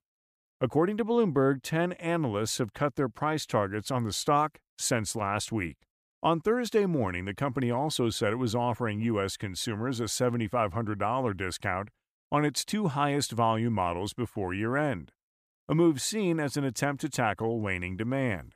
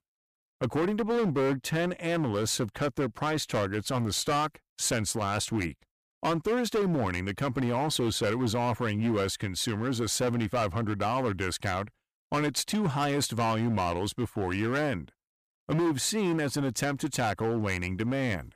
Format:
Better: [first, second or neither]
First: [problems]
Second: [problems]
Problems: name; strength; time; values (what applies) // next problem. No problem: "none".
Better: first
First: none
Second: distortion; heavy; 14% of the sound clipped